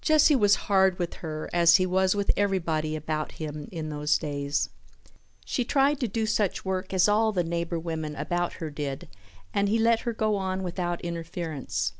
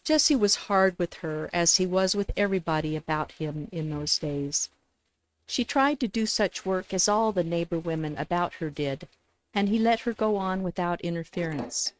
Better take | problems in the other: first | noise reduction (neural mask model RNNoise)

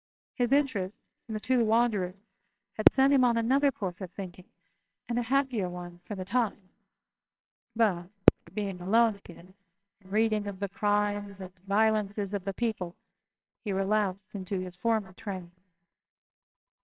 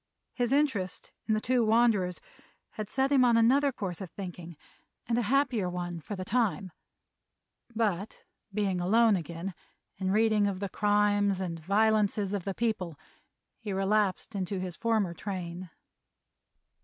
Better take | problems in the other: second | noise reduction (neural separator model SepFormer WHAMR!)

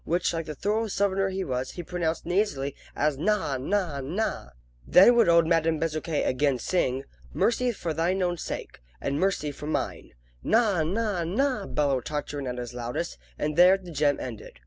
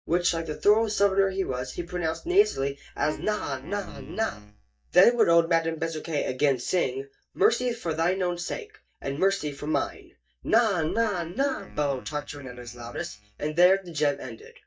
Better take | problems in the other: first | noise reduction (neural mask model DeepFilterNet 3)

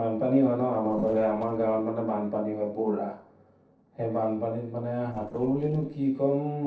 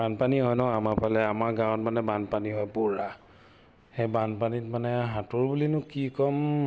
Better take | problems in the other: second | noise reduction (neural separator model SepFormer DNS4)

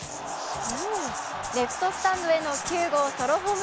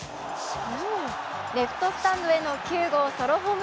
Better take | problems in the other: second | background sound (Rattle (instrument)); 12 dB below the speech

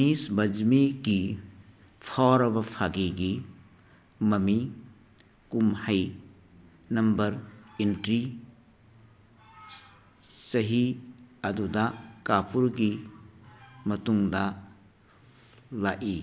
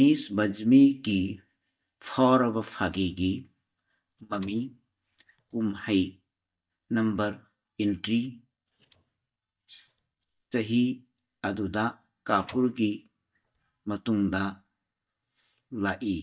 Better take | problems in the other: first | noise reduction (neural mask model DeepFilterNet 3)

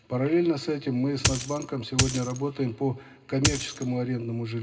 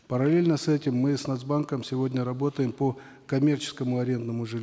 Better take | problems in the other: second | background sound (Coin (dropping)); 1 dB below the speech // room echo; dies away in 0.2 s

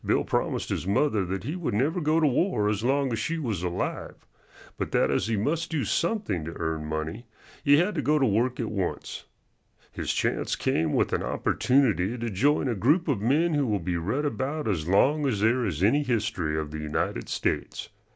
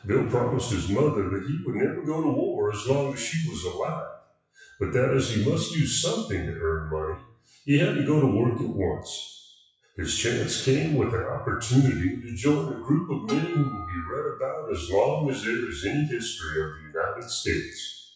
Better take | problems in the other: first | noise reduction (classical method WPE with log-MMSE)

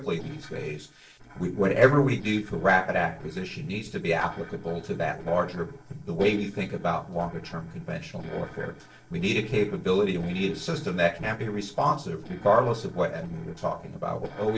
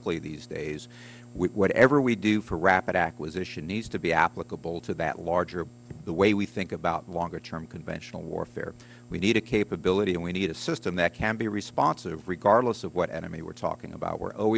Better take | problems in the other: second | noise reduction (neural separator model SepFormer DNS4)

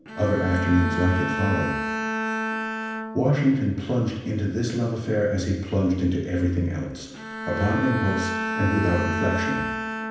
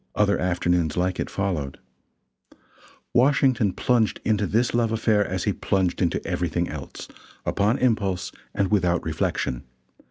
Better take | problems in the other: second | background sound (Bowed string instrument); 5 dB below the speech // room echo; dies away in 0.9 s

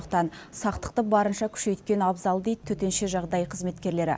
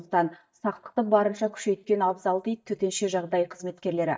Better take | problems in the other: first | noise reduction (neural mask model DeepFilterNet 3)

